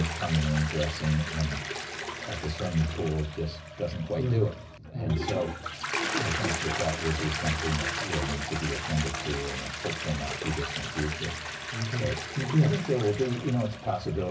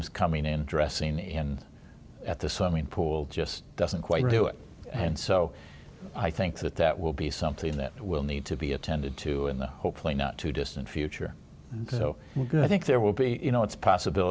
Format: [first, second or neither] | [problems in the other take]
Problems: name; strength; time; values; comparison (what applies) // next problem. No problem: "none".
second | background sound (Toilet flush); 5 dB below the speech // room echo; dies away in 0.4 s